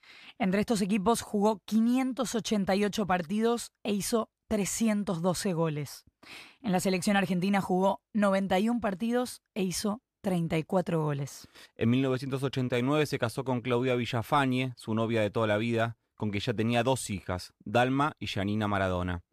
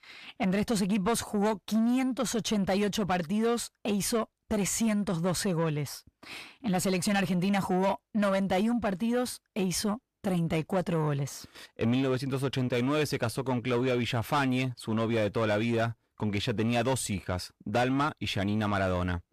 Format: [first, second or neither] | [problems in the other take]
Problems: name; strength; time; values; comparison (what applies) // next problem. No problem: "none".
first | distortion; slight; 10 dB below the speech